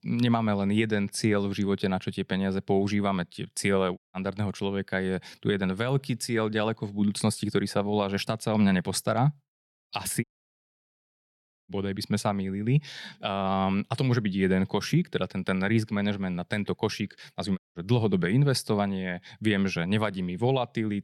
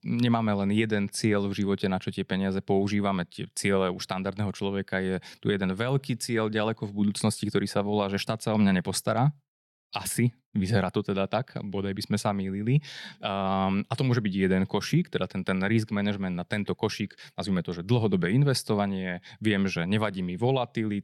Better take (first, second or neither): second